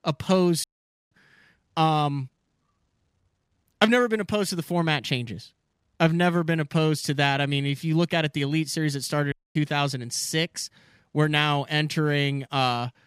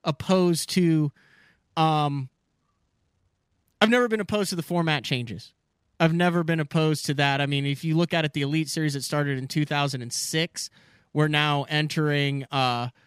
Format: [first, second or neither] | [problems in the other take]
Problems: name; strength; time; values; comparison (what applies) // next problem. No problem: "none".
second | audio cutting out; at 0.5 s and at 9.5 s